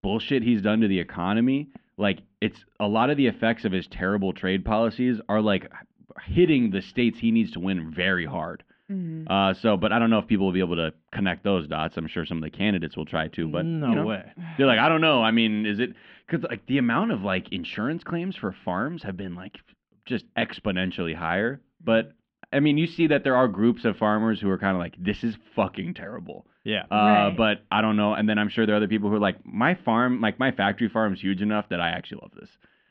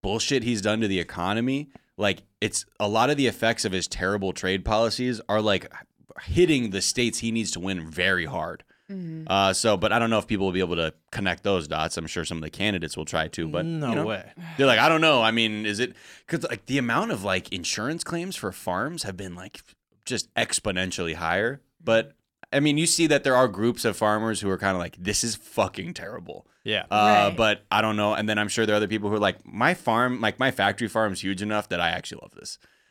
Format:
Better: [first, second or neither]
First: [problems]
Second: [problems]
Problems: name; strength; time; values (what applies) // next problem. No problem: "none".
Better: second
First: muffled; very; fading above 3 kHz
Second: none